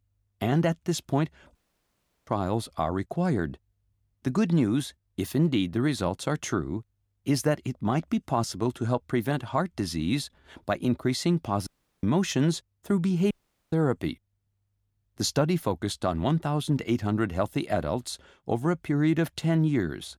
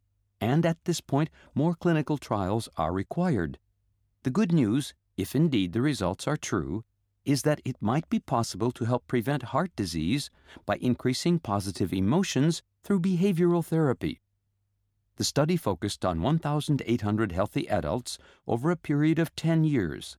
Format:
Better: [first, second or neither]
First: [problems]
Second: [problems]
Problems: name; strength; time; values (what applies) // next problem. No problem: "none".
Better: second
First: audio cutting out; at 1.5 s for 0.5 s, at 12 s and at 13 s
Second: none